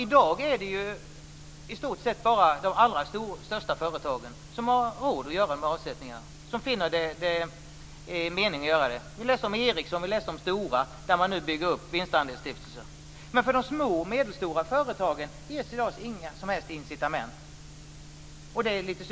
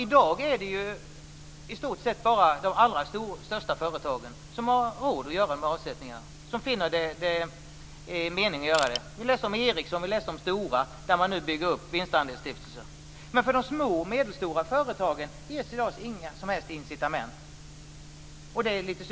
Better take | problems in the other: first | background sound (Crushing); 8 dB below the speech

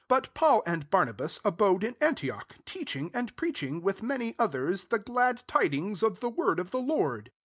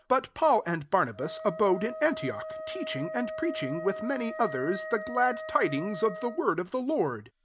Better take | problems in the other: first | background sound (Wind instrument, woodwind instrument); 10 dB below the speech

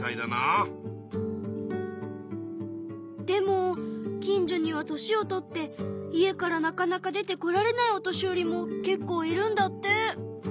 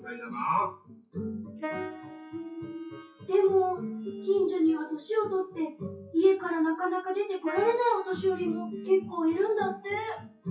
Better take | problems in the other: first | noise reduction (classical method WPE with log-MMSE)

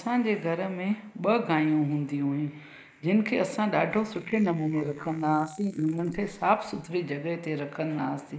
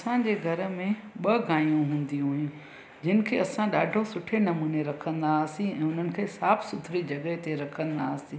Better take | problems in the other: second | noise reduction (neural mask model Resemble Enhance denoiser)

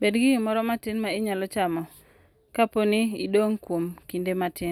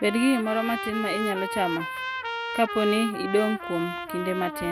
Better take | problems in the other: first | background sound (Trumpet); 6 dB below the speech

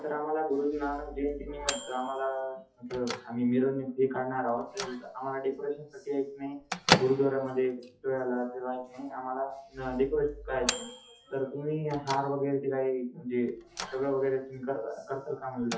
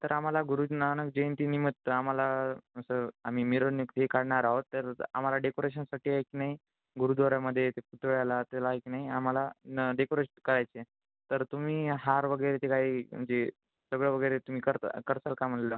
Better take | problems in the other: second | noise reduction (classical method WPE with log-MMSE)

